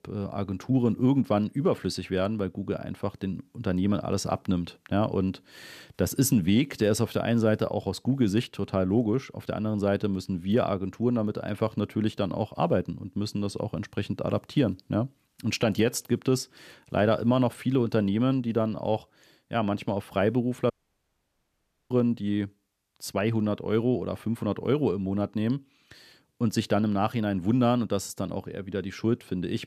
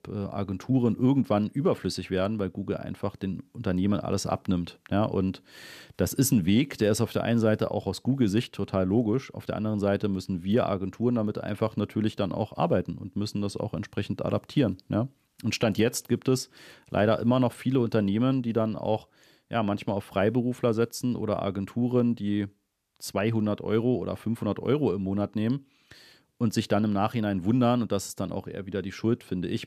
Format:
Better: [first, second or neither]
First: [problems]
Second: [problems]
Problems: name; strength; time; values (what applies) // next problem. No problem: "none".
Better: second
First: audio cutting out; at 21 s for 1 s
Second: none